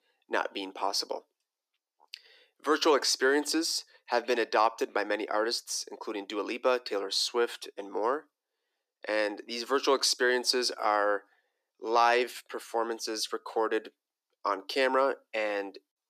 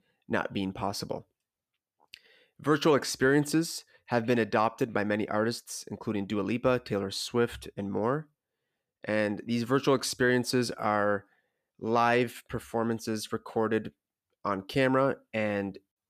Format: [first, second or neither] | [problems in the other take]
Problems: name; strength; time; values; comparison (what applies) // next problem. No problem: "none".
second | thin; somewhat; fading below 300 Hz